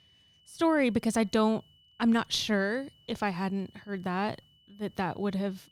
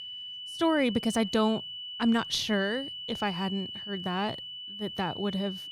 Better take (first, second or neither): first